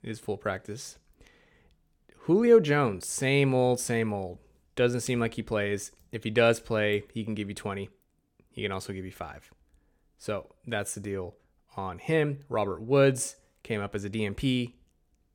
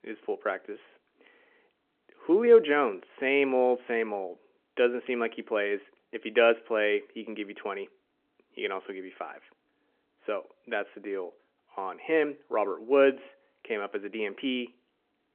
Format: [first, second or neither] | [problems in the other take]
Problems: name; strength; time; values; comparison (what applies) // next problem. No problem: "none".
first | phone-call audio